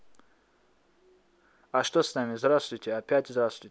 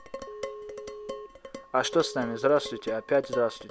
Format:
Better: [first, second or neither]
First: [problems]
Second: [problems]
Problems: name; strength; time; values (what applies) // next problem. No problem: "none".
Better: first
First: none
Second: background sound (Dishes, pots, and pans + Telephone); 10 dB below the speech